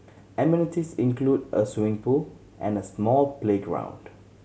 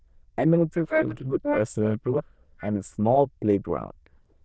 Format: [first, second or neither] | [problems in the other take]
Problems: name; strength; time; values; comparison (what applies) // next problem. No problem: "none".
first | noise reduction (neural diffusion model UNIVERSE++)